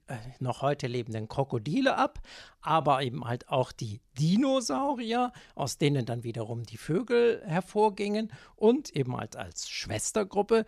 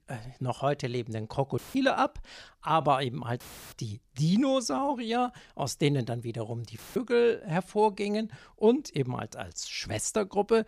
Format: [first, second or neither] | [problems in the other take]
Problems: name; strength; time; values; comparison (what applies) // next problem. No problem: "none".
first | audio cutting out; filled with static; at 1.5 s, at 3.5 s and at 7 s